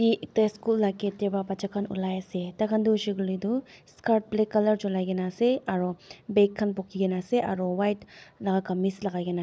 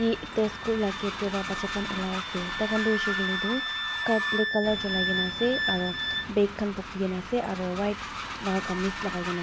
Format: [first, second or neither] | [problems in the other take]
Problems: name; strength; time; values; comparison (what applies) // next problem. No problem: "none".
first | background sound (Train + Wind instrument, woodwind instrument); 3 dB below the speech